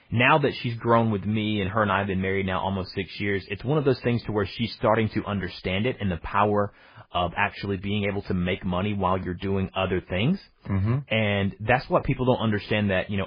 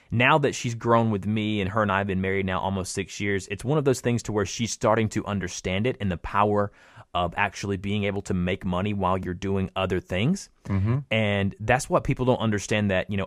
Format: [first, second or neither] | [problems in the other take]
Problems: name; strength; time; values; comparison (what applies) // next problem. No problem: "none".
second | garbled, watery; badly; nothing above 5 kHz